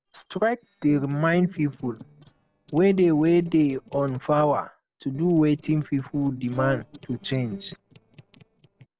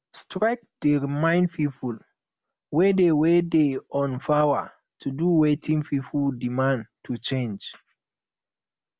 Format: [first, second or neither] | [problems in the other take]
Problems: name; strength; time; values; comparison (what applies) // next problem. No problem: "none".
second | noise reduction (neural separator model SepFormer DNS4)